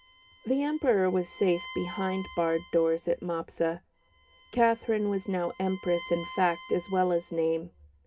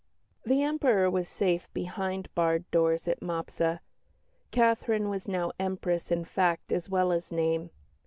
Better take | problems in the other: second | background sound (Bowed string instrument); 19 dB below the speech // room echo; dies away in 0.3 s

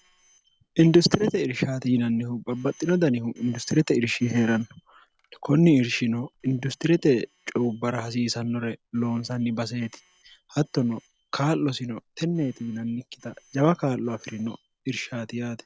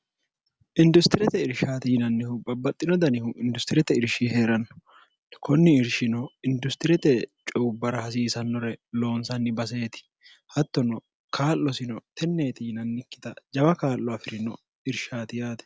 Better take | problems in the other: second | noise reduction (neural separator model SepFormer DNS4)

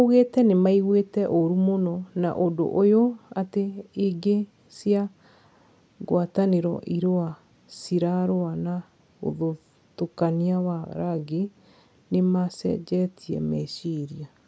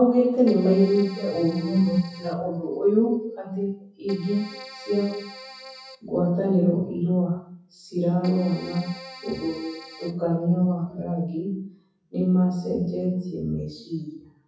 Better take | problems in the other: first | noise reduction (classical method WPE with log-MMSE)

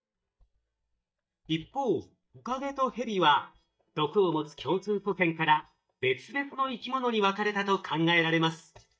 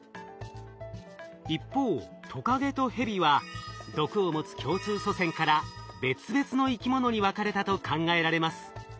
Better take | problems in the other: second | noise reduction (neural mask model DeepFilterNet 3)

